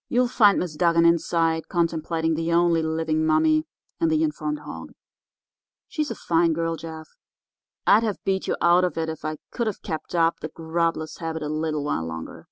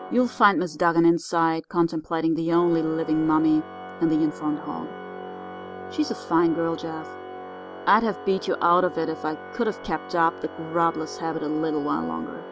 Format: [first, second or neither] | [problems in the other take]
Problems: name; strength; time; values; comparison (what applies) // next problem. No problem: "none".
first | background sound (Organ); 14 dB below the speech